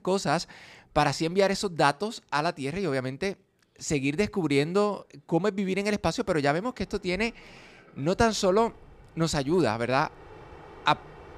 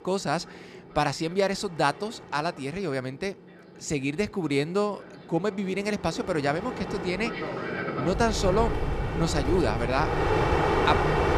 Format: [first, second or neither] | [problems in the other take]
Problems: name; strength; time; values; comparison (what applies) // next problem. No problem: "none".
first | train or aircraft noise; loud; throughout; as loud as the speech; faint in the first